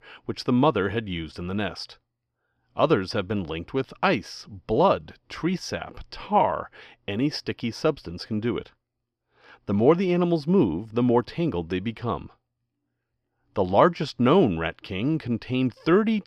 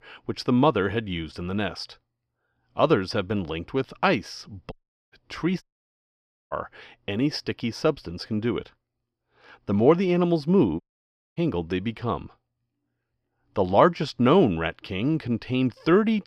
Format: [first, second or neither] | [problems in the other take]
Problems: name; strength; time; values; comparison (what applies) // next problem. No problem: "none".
first | audio cutting out; at 4.5 s, at 5.5 s for 1 s and at 11 s for 0.5 s